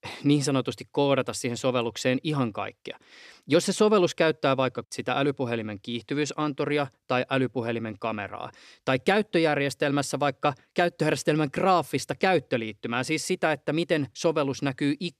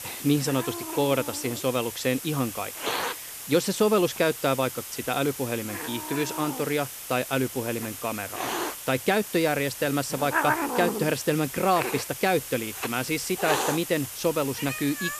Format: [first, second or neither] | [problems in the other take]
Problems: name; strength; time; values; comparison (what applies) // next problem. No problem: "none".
first | hiss; loud; throughout; 5 dB below the speech